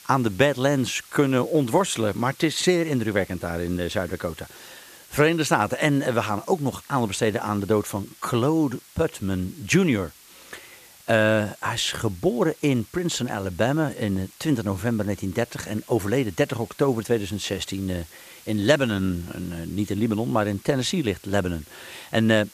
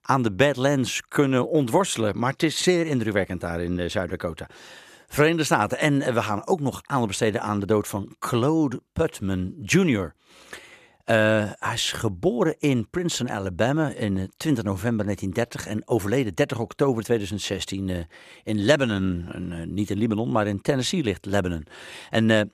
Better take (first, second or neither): second